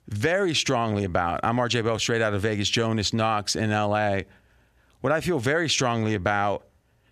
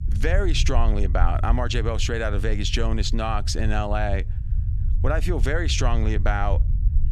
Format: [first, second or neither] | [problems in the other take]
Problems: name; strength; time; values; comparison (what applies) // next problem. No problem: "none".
first | low rumble; noticeable; throughout; 15 dB below the speech